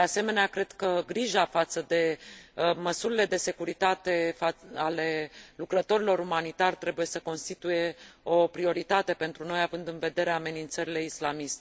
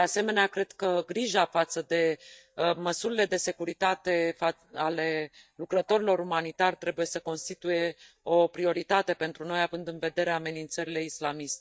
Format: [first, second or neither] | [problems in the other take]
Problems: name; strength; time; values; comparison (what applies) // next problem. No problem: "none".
first | noise reduction (neural mask model DeepFilterNet 3)